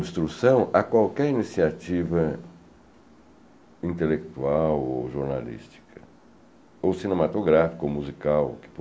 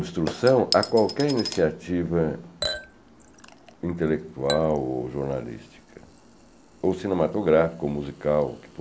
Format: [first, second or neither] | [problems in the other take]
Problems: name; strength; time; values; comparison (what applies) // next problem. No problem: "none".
first | background sound (Chink, clink / Liquid); 13 dB below the speech